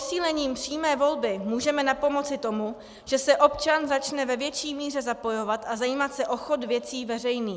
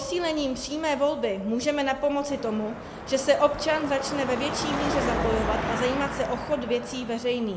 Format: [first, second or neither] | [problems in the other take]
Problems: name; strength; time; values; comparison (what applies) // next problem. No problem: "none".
first | background sound (Car passing by / Traffic noise, roadway noise / Engine); 6 dB below the speech // room echo; dies away in 1.1 s